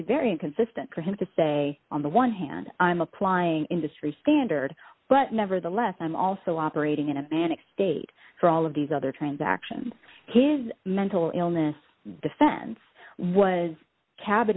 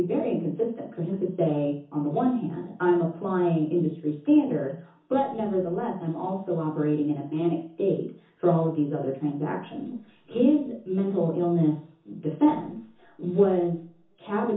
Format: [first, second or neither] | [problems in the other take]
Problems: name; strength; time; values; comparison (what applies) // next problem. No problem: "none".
first | room echo; dies away in 0.6 s